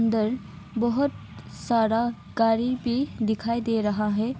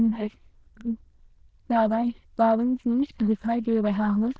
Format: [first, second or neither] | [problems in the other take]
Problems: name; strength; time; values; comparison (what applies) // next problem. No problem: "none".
first | noise reduction (neural diffusion model UNIVERSE++)